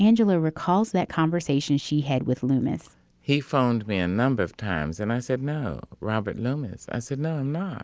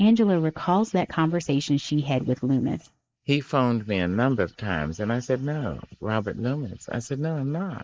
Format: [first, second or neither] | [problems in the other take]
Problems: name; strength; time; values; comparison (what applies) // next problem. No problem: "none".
first | noise reduction (neural mask model Resemble Enhance denoiser)